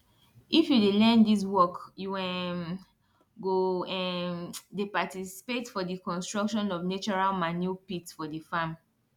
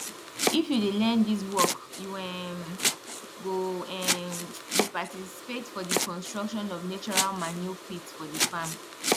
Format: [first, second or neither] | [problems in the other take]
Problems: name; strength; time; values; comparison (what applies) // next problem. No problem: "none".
first | background sound (Domestic sounds, home sounds); 1 dB below the speech